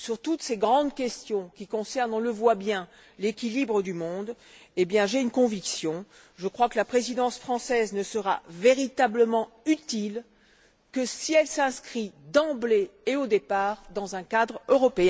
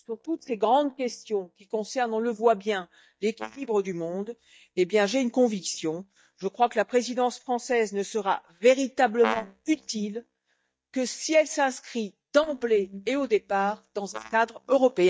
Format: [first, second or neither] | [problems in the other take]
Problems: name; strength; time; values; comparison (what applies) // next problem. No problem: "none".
first | noise reduction (neural mask model DeepFilterNet 3)